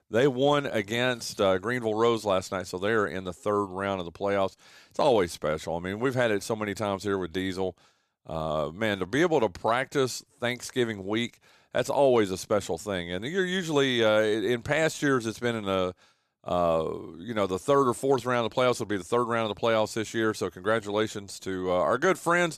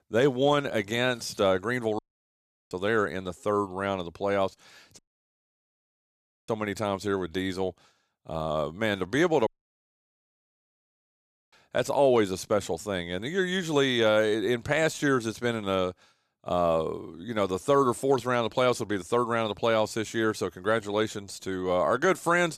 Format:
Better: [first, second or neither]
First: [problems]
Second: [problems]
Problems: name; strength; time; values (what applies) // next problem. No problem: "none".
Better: first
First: none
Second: audio cutting out; at 2 s for 0.5 s, at 5 s for 1.5 s and at 9.5 s for 2 s